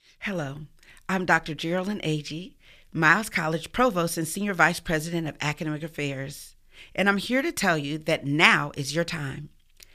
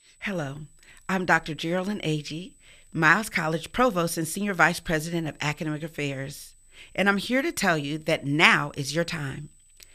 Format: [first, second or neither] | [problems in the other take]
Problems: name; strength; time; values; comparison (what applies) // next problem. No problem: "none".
first | high-pitched whine; faint; throughout; 8 kHz, 35 dB below the speech